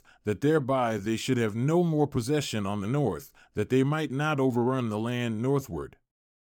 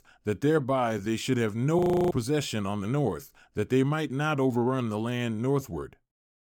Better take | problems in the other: first | audio freezing; at 2 s

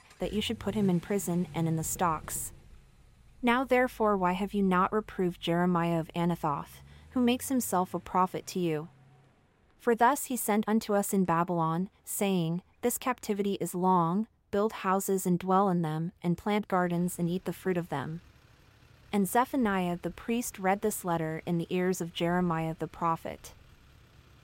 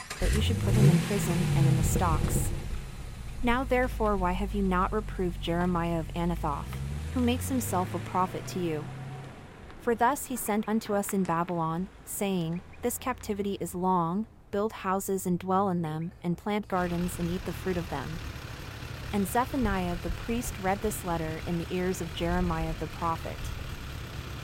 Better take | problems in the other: first | traffic noise; loud; throughout; 3 dB below the speech; faint in the first

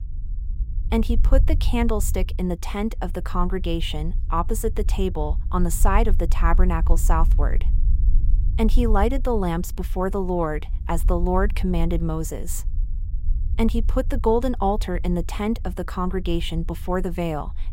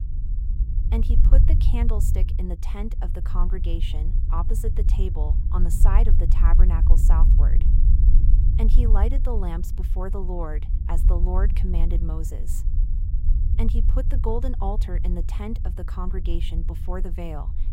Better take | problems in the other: first | low rumble; loud; throughout; 7 dB below the speech; faint in the first

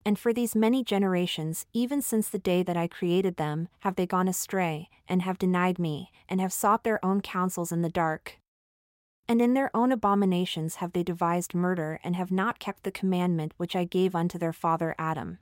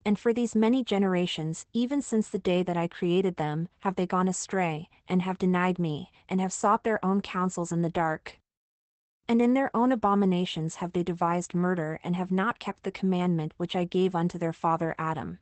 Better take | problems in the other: first | garbled, watery; badly; nothing above 8 kHz

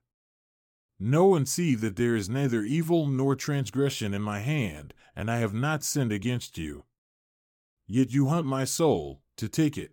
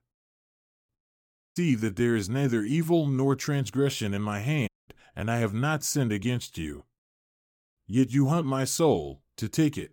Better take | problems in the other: first | audio cutting out; at 1 s for 0.5 s and at 4.5 s

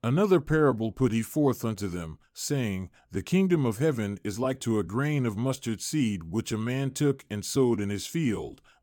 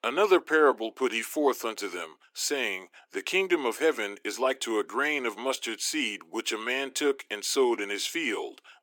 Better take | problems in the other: first | thin; very; fading below 350 Hz

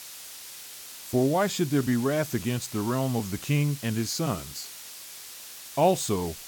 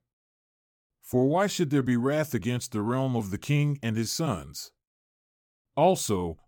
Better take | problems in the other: second | hiss; noticeable; throughout; 15 dB below the speech

